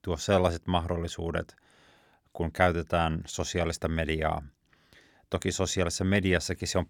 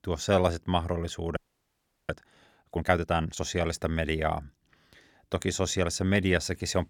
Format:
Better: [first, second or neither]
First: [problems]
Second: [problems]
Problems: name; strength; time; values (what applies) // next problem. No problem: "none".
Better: first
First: none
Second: audio freezing; at 1.5 s for 0.5 s